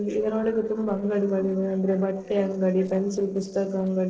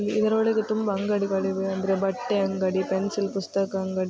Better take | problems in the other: second | noise reduction (neural separator model SepFormer DNS4)

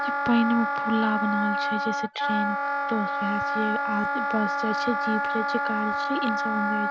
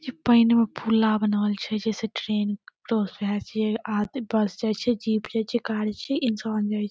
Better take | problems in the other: second | background sound (Wind instrument, woodwind instrument); 2 dB above the speech

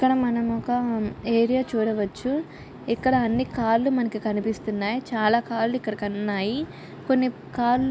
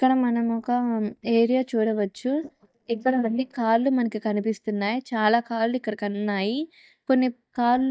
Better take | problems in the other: first | noise reduction (neural mask model DeepFilterNet 3)

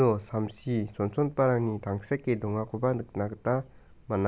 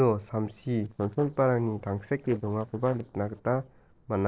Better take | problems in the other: first | noise reduction (neural separator model SepFormer DNS4)

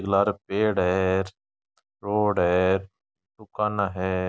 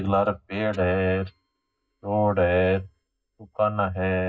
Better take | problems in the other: first | noise reduction (neural mask model DeepFilterNet 3)

